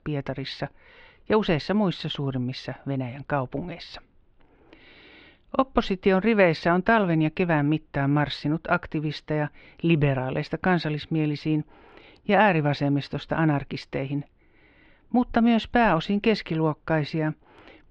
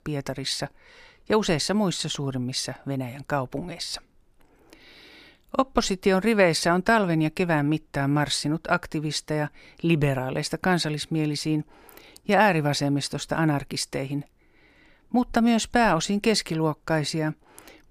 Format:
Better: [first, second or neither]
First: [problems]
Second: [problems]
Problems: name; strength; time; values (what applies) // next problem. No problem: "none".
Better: second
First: muffled; slightly; fading above 3.5 kHz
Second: none